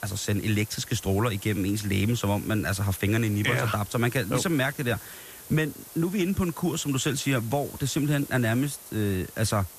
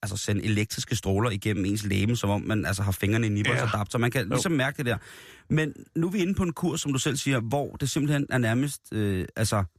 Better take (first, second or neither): second